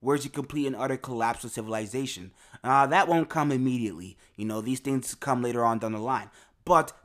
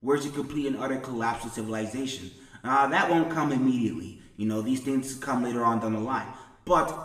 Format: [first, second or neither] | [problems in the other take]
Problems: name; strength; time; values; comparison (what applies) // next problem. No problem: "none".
first | room echo; slight; dies away in 0.9 s // off-mic speech; somewhat distant